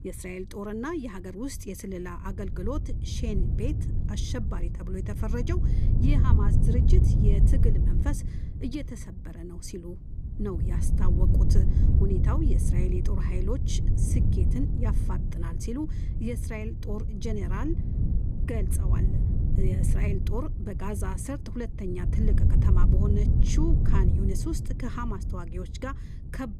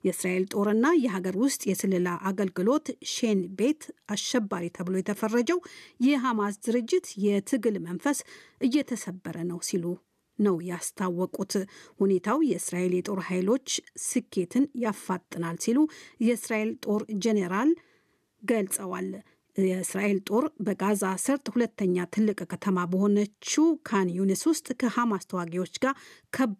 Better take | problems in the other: second | wind noise on the microphone; heavy; 3 dB below the speech

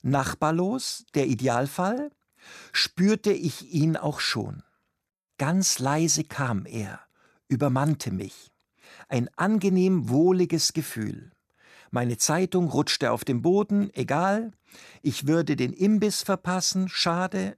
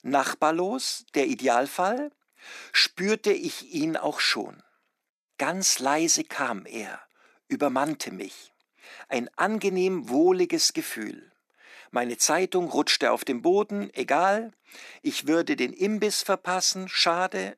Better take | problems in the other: first | thin; somewhat; fading below 250 Hz

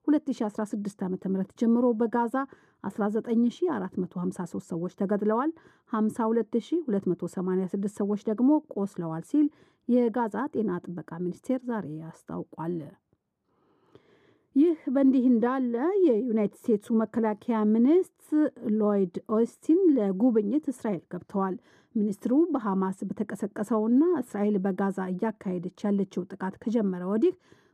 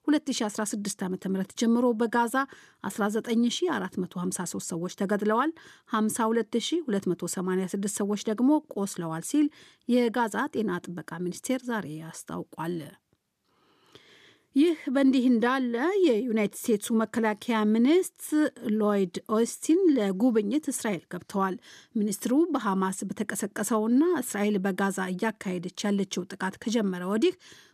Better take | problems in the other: second | muffled; very; fading above 1.5 kHz

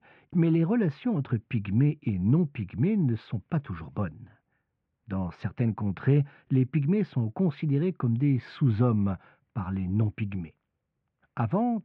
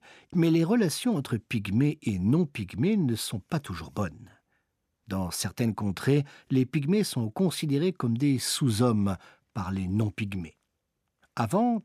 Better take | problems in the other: second | muffled; very; fading above 2.5 kHz

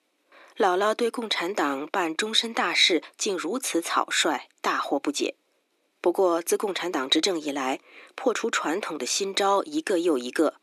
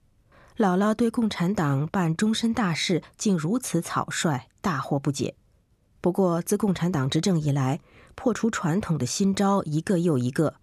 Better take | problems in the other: second | thin; somewhat; fading below 300 Hz

